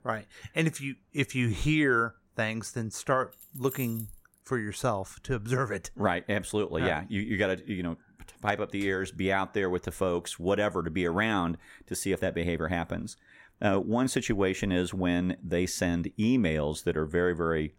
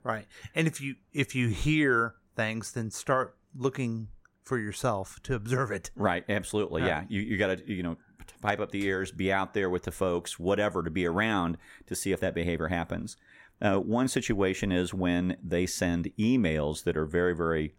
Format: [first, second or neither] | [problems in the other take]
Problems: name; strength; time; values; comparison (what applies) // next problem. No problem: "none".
second | jangling keys; noticeable; at 3.5 s; peak 10 dB below the speech